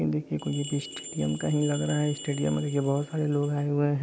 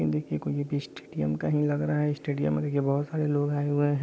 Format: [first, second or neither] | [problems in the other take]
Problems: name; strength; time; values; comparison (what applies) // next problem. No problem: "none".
second | background sound (Bell); 15 dB below the speech